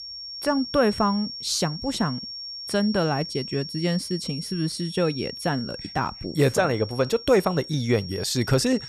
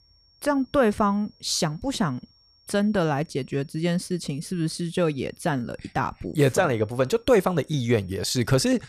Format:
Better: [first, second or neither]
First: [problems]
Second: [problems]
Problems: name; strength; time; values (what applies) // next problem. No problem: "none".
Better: second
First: high-pitched whine; loud; throughout; 5.5 kHz, 10 dB below the speech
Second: high-pitched whine; faint; throughout; 5.5 kHz, 35 dB below the speech